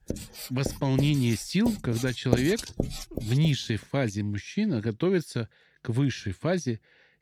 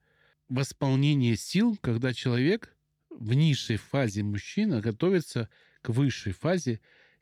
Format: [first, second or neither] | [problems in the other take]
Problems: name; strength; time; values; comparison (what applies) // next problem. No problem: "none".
second | household noises; loud; until 3.5 s; 7 dB below the speech